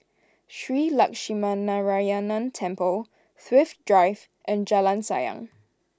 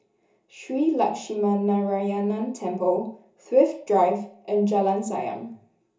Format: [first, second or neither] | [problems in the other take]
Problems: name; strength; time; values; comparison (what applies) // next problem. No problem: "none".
first | room echo; dies away in 0.8 s